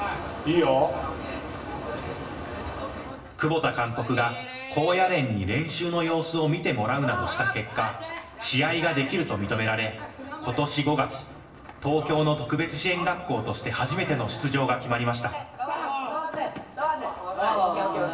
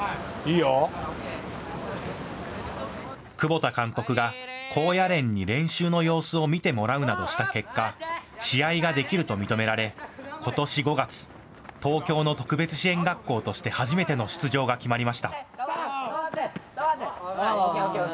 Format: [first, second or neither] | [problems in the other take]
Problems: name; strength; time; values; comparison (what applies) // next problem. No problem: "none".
second | room echo; dies away in 0.9 s